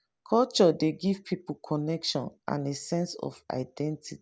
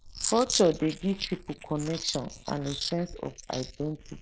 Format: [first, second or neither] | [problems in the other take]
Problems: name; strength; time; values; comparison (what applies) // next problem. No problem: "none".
first | noise reduction (neural mask model Resemble Enhance denoiser)